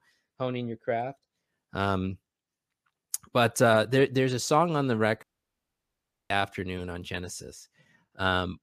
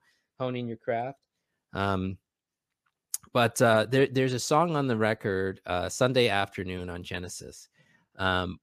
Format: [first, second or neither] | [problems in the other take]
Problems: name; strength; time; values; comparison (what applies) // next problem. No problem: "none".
second | audio cutting out; at 5 s for 1 s